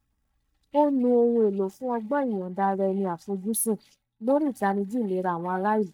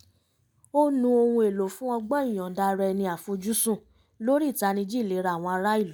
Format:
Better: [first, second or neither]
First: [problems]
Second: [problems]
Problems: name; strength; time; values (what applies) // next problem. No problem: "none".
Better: second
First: noise reduction (neural mask model DeepFilterNet 3)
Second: none